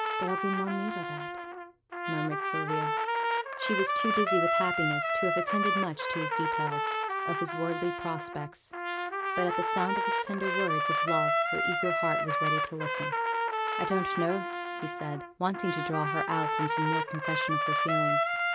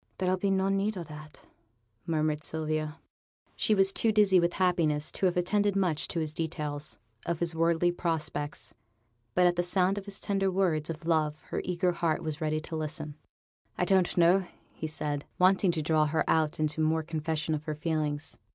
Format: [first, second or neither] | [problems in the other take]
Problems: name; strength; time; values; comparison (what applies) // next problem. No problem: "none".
second | background sound (Trumpet); 4 dB above the speech